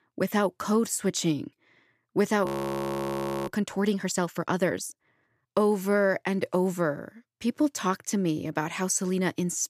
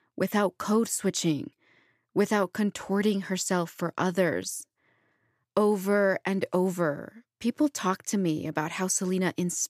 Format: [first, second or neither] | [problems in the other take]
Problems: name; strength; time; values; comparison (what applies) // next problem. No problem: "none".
second | audio freezing; at 2.5 s for 1 s